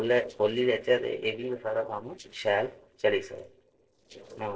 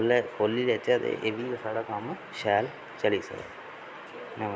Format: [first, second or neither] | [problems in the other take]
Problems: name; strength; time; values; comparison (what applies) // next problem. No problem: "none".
second | noise reduction (neural separator model SepFormer DNS4)